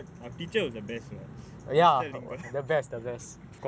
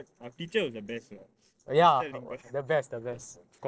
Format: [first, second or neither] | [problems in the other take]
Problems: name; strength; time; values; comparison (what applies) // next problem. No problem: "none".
first | noise reduction (neural separator model SepFormer DNS4)